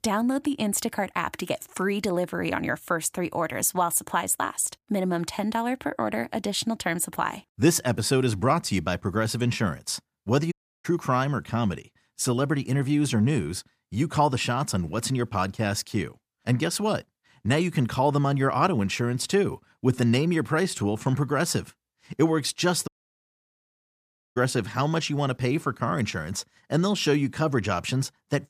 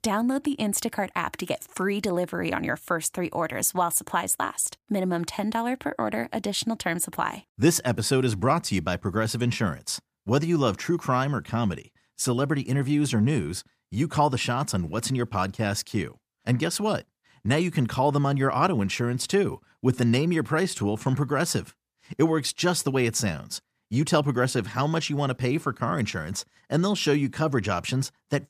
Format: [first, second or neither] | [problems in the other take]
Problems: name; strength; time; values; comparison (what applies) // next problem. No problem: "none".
second | audio cutting out; at 11 s and at 23 s for 1.5 s